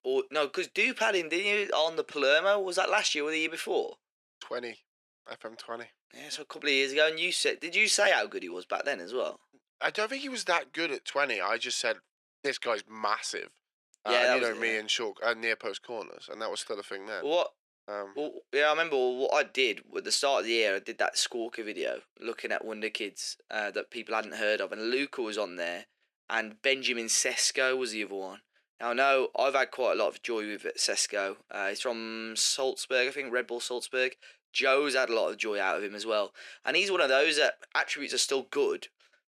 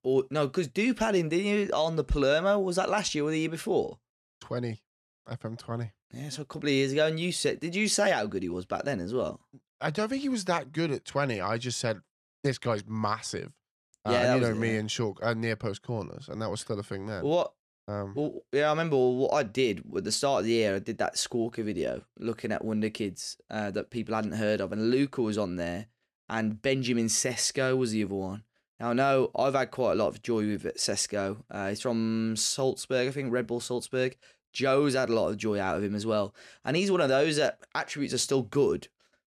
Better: second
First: thin; somewhat; fading below 400 Hz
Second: none

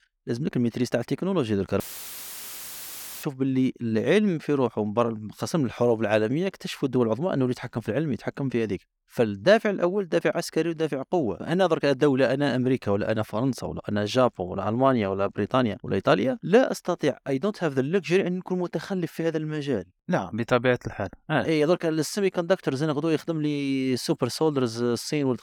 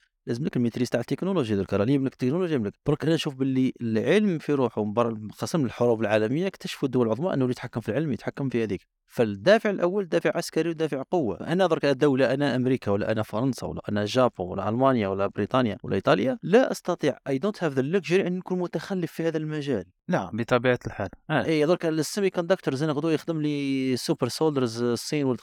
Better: second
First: audio cutting out; filled with static; at 2 s for 1.5 s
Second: none

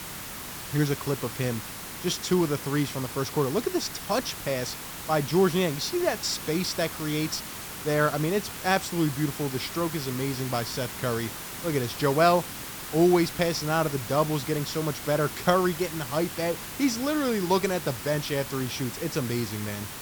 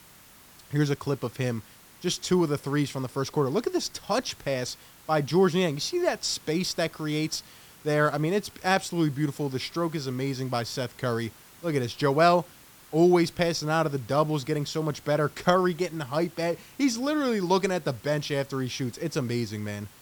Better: second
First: hiss; loud; throughout; 8 dB below the speech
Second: hiss; faint; throughout; 25 dB below the speech

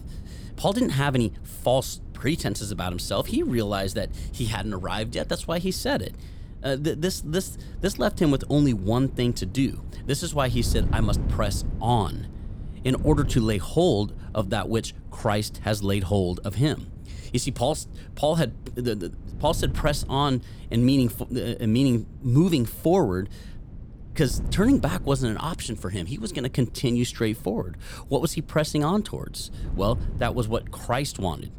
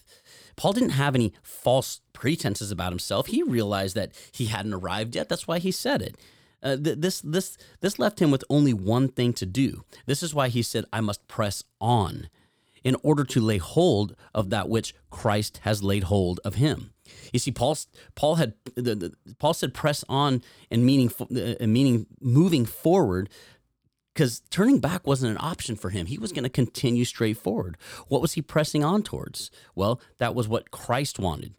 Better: second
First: wind noise on the microphone; occasional gusts; 20 dB below the speech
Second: none

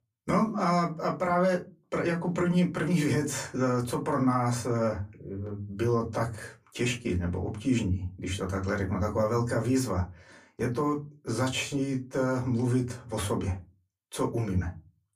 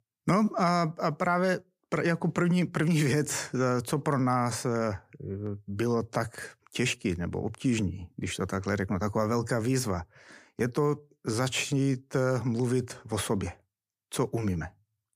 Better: second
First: off-mic speech; far // room echo; very slight; dies away in 0.2 s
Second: none

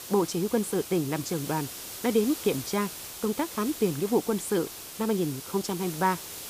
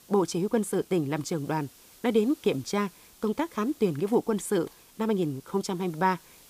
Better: second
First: hiss; loud; throughout; 9 dB below the speech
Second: hiss; faint; throughout; 25 dB below the speech

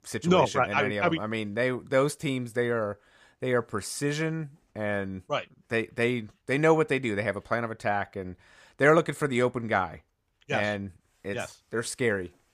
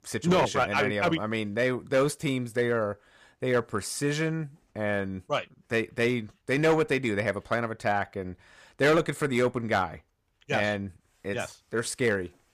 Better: first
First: none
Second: distortion; slight; 3% of the sound clipped

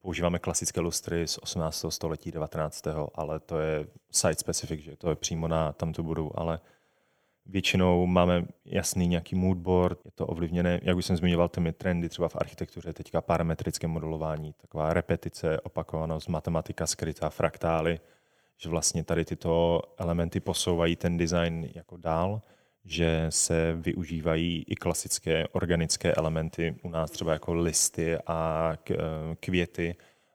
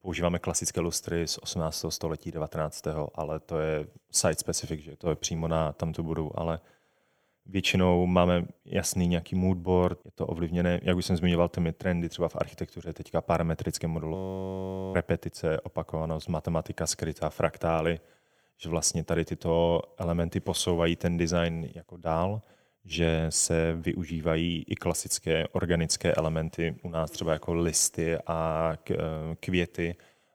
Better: first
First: none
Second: audio freezing; at 14 s for 1 s

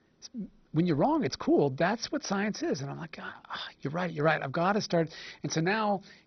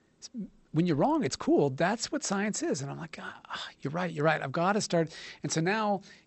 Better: second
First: garbled, watery; badly; nothing above 6 kHz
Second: garbled, watery; slightly; nothing above 8 kHz

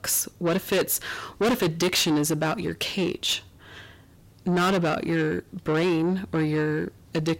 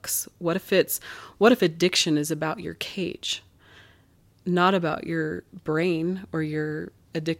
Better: second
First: distortion; heavy; 6 dB below the speech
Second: none

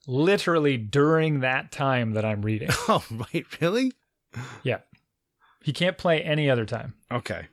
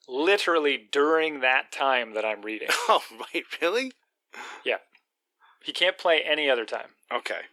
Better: first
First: none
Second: thin; very; fading below 350 Hz

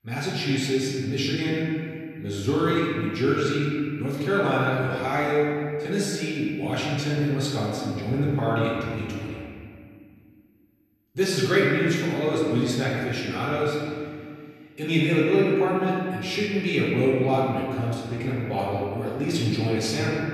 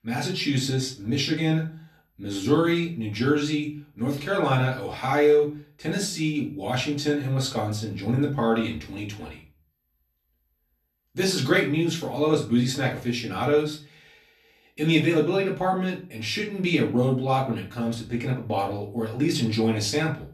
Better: second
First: room echo; strong; dies away in 2.1 s // off-mic speech; far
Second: room echo; slight; dies away in 0.3 s // off-mic speech; far

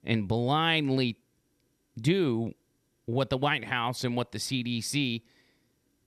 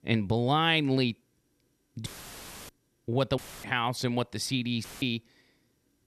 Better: first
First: none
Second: audio cutting out; filled with static; at 2 s for 0.5 s, at 3.5 s and at 5 s

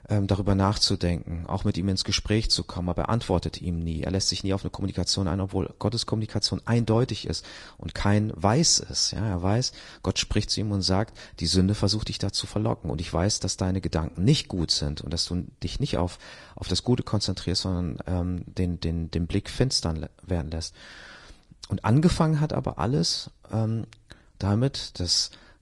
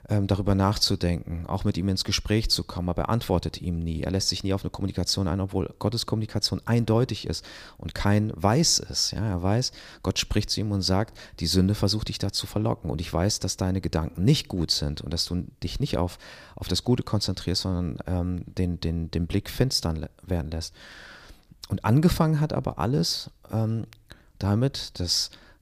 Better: second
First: garbled, watery; slightly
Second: none

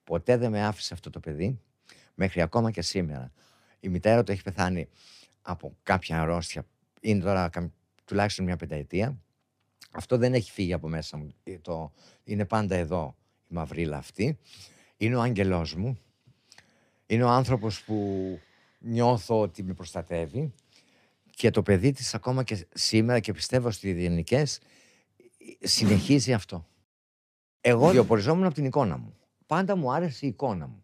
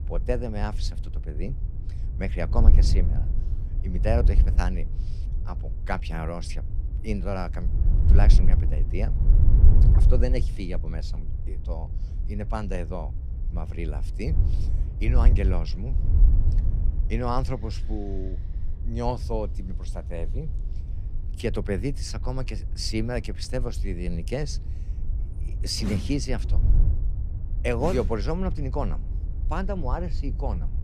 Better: first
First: none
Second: wind noise on the microphone; occasional gusts; 10 dB below the speech

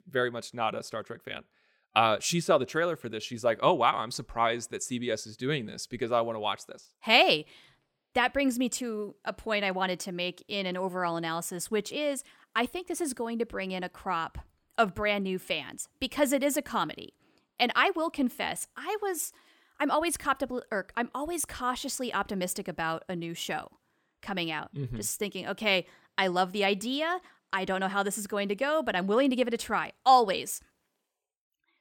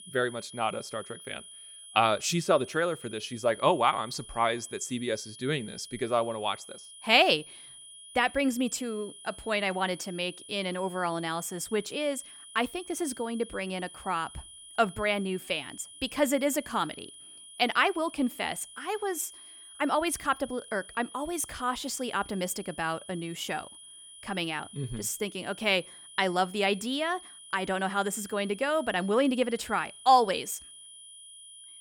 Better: first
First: none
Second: high-pitched whine; noticeable; throughout; 10 kHz, 15 dB below the speech

